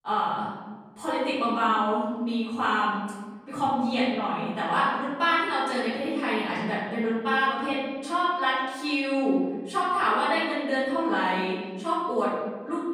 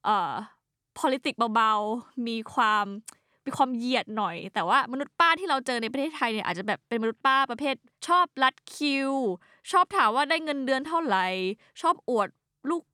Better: second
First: off-mic speech; far // room echo; strong; dies away in 1.4 s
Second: none

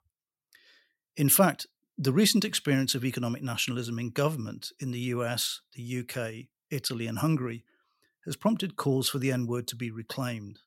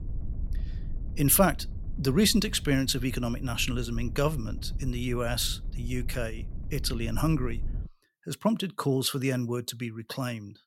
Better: first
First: none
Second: low rumble; faint; until 8 s; 25 dB below the speech

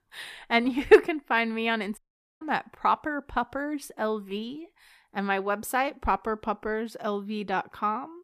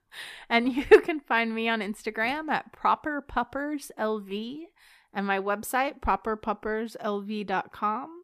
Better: second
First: audio cutting out; at 2 s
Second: none

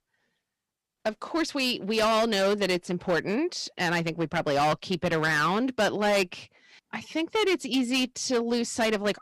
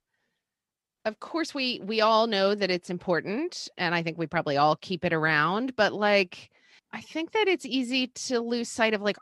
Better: second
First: distortion; heavy; 10% of the sound clipped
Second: none

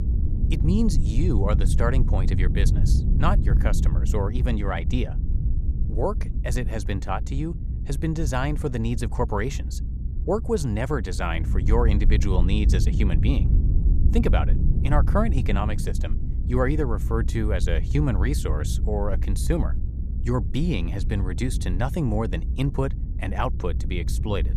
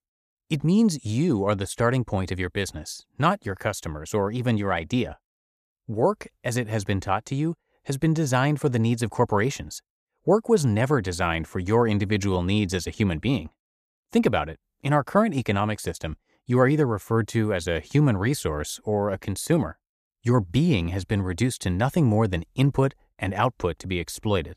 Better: second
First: low rumble; noticeable; throughout; 10 dB below the speech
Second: none

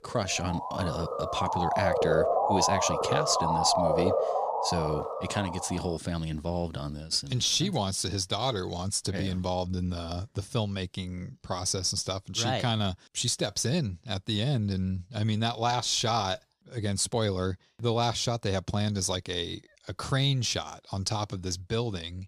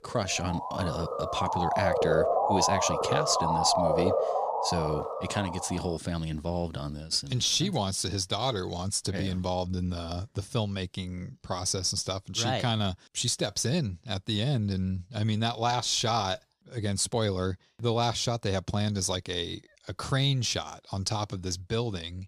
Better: neither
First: siren; loud; until 6 s; peak 5 dB above the speech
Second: siren; loud; until 6 s; peak 5 dB above the speech

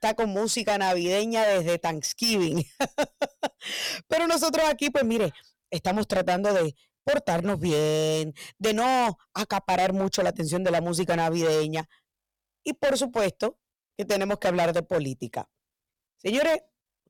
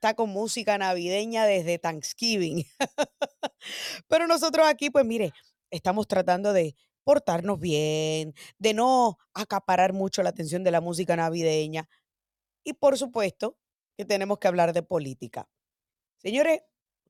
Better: second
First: distortion; heavy; 14% of the sound clipped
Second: none

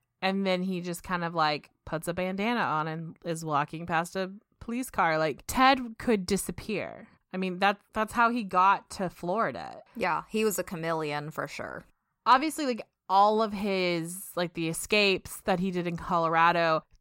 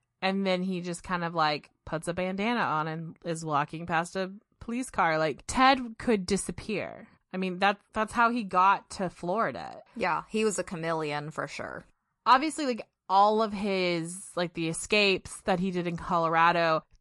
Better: first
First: none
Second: garbled, watery; slightly; nothing above 11 kHz

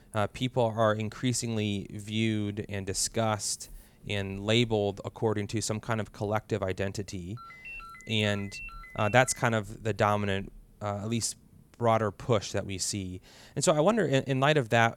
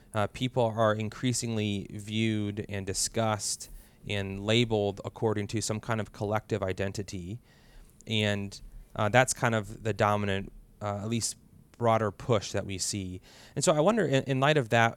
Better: second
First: phone ringing; faint; from 7.5 to 9.5 s; peak 10 dB below the speech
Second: none

